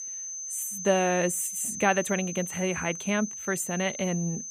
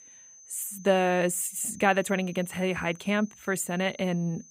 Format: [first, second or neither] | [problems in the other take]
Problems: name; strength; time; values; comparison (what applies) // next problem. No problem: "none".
second | high-pitched whine; loud; throughout; 6 kHz, 6 dB below the speech; faint in the second